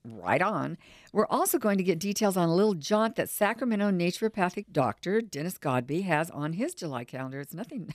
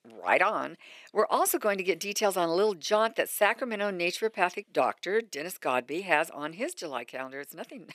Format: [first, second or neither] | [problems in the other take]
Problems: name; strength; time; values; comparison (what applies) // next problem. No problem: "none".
first | thin; somewhat; fading below 450 Hz